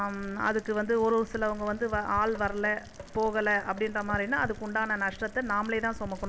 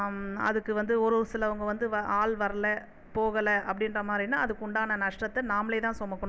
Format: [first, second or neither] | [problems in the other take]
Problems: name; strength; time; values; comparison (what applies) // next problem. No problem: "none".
second | background sound (Rain); 17 dB below the speech